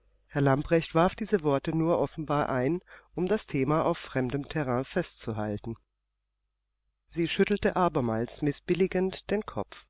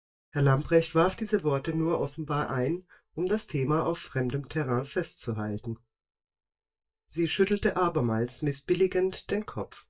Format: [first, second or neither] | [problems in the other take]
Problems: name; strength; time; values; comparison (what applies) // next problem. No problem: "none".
first | noise reduction (neural mask model DeepFilterNet 3)